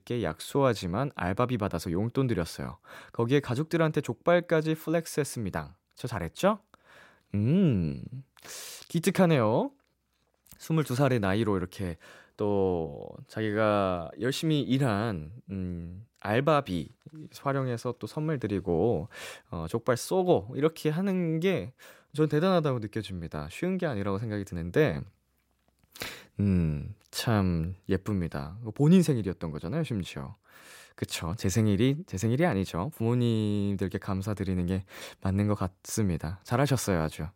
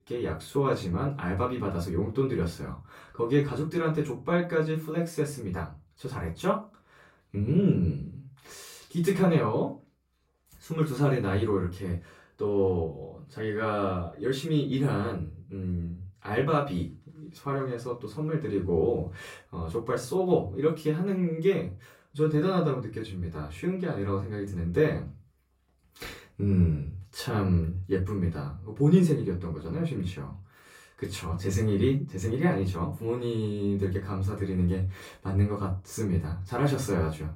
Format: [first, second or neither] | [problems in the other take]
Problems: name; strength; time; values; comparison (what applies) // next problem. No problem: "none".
first | room echo; slight; dies away in 0.3 s // off-mic speech; far